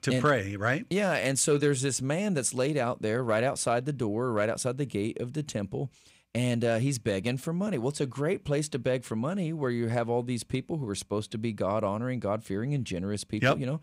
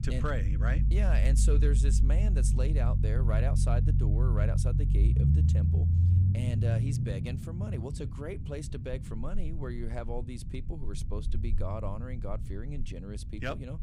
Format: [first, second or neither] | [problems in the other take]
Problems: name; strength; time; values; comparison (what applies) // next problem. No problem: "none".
first | low rumble; loud; throughout; 3 dB below the speech